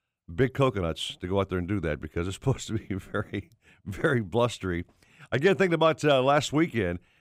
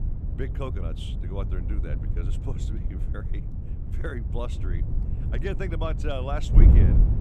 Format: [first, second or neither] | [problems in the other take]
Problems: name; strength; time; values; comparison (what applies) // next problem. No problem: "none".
first | wind noise on the microphone; heavy; 4 dB below the speech